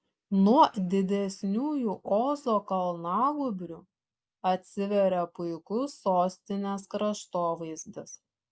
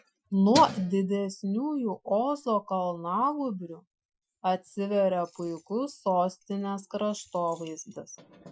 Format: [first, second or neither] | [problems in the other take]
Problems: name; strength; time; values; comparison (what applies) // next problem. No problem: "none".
first | noise reduction (classical method Wiener filter)